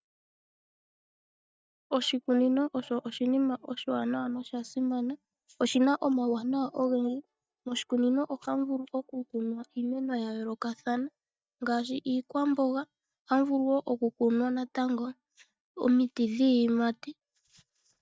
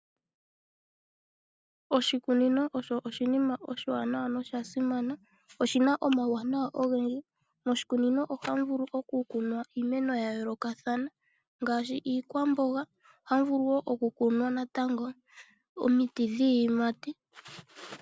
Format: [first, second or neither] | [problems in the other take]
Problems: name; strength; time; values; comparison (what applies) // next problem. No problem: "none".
second | noise reduction (neural mask model DeepFilterNet 3)